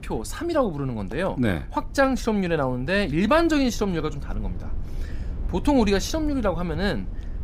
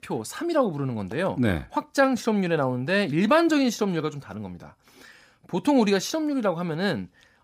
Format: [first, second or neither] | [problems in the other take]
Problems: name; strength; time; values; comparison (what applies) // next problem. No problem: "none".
second | low rumble; faint; throughout; 25 dB below the speech